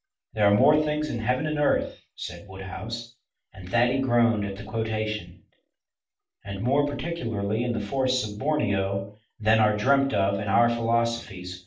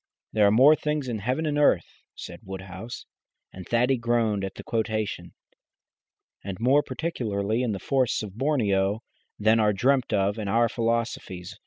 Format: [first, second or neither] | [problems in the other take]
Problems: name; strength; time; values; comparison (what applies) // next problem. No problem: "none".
second | room echo; dies away in 0.4 s